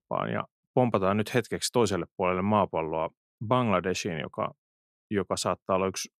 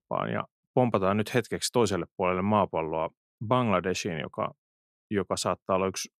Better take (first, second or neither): neither